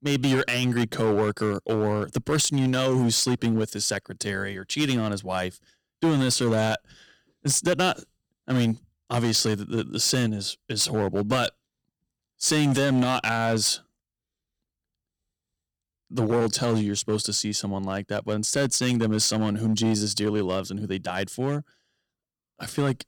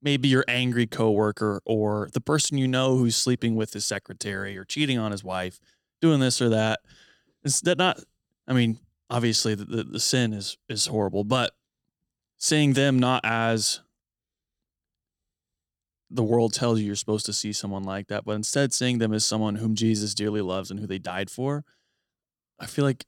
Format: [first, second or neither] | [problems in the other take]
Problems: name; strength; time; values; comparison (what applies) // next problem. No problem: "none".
second | distortion; slight; 6% of the sound clipped